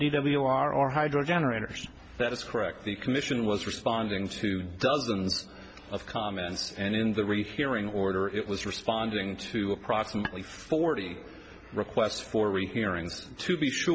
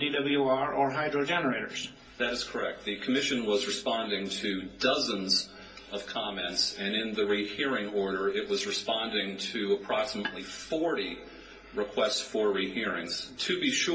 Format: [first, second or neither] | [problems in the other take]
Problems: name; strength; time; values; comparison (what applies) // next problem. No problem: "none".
first | room echo; dies away in 0.3 s